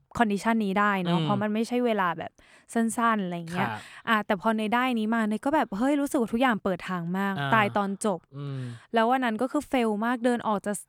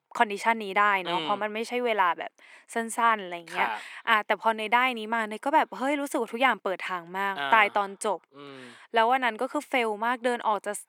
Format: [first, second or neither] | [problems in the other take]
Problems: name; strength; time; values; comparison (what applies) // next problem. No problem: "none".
first | thin; somewhat; fading below 300 Hz